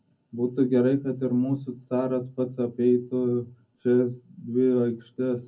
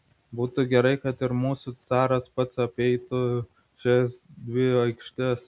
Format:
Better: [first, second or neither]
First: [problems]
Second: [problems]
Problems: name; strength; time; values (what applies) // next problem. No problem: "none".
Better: second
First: room echo; dies away in 0.4 s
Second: none